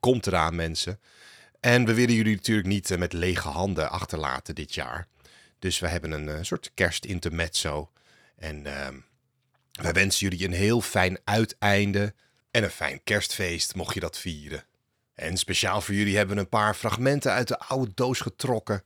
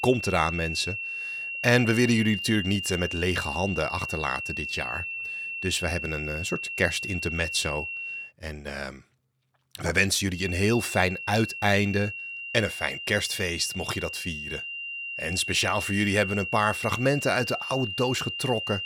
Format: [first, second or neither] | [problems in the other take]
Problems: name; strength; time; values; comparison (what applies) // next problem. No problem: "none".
first | high-pitched whine; loud; until 8.5 s and from 10 s on; 2.5 kHz, 5 dB below the speech